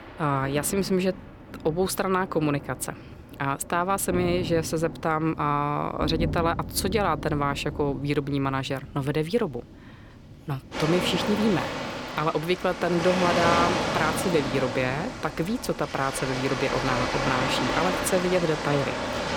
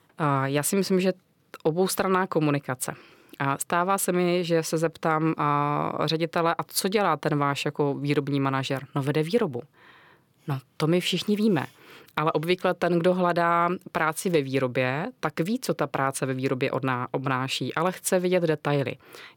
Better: second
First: rain or running water; loud; throughout; 4 dB below the speech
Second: none

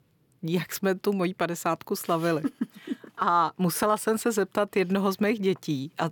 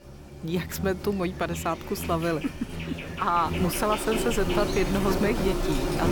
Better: first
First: none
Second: animal sounds; loud; throughout; 3 dB below the speech

